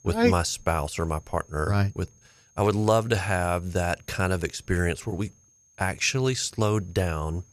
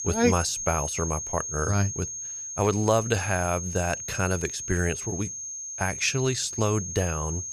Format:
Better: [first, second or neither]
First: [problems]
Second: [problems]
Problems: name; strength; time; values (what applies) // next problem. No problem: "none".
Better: first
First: high-pitched whine; faint; throughout; 6.5 kHz, 30 dB below the speech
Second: high-pitched whine; loud; throughout; 6.5 kHz, 5 dB below the speech